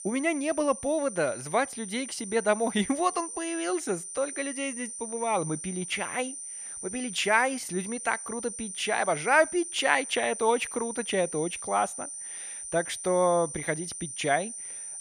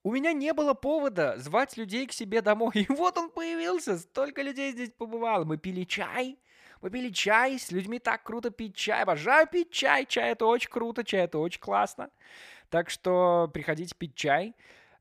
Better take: second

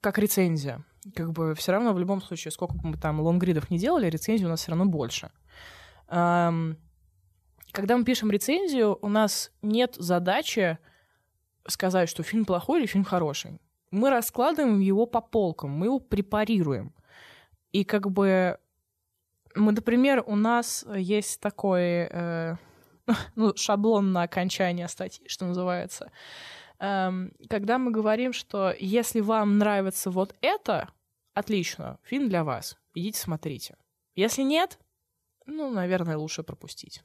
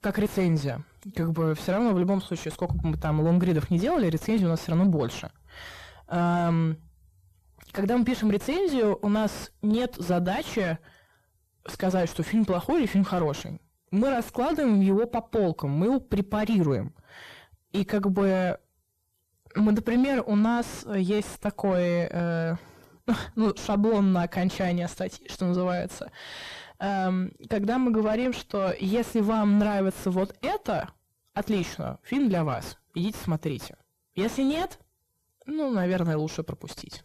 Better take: first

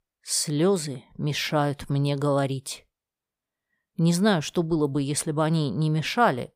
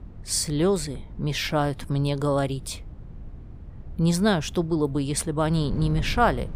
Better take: first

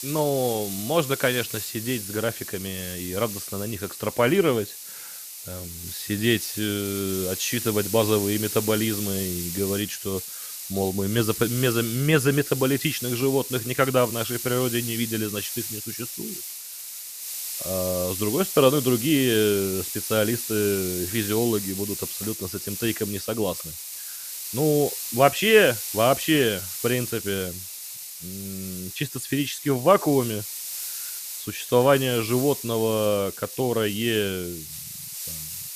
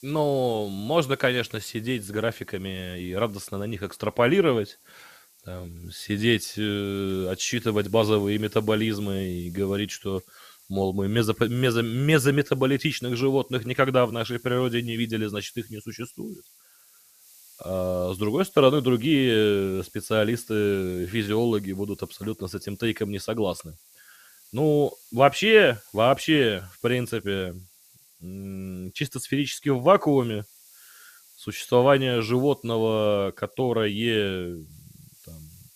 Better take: second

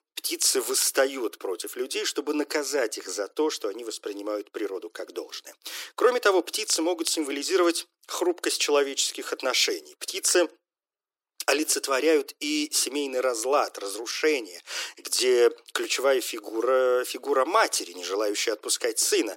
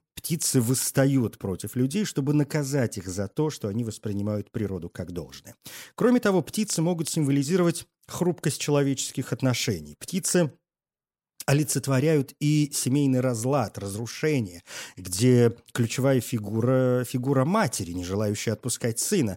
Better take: second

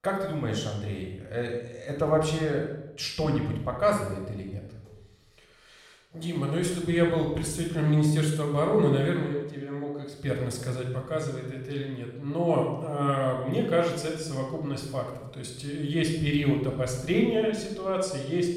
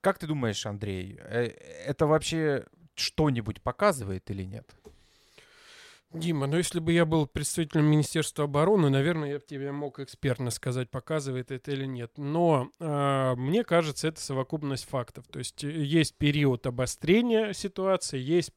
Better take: second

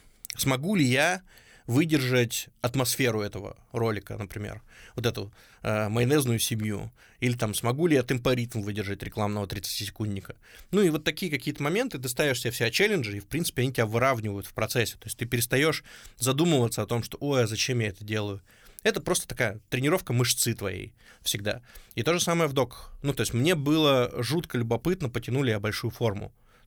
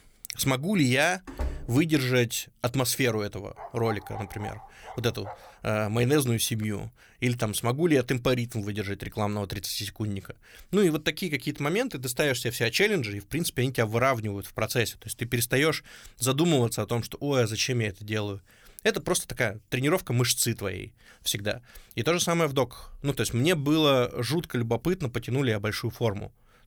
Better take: first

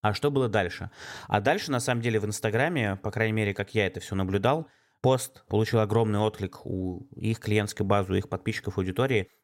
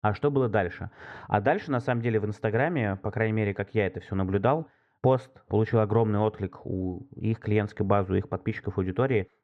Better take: first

